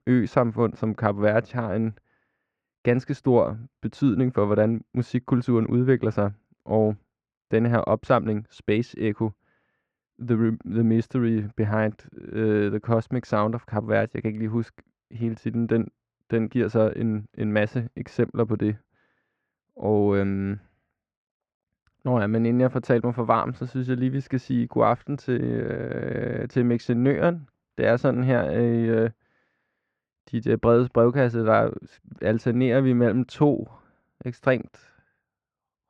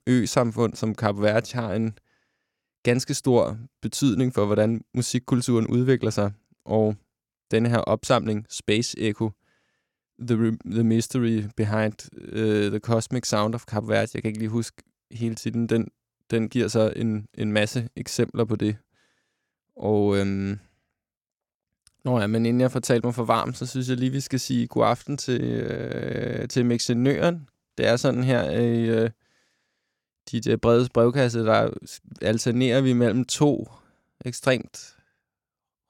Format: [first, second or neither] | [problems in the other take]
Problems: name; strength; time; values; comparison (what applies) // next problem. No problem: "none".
second | muffled; very; fading above 1.5 kHz